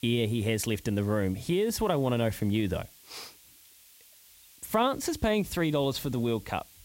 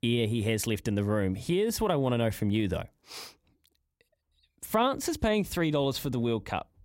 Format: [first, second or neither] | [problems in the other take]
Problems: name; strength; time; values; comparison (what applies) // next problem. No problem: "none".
second | hiss; faint; throughout; 25 dB below the speech